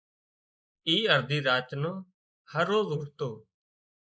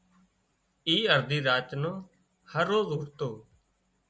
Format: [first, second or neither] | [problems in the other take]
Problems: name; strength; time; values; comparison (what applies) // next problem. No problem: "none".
second | noise reduction (neural mask model Resemble Enhance denoiser)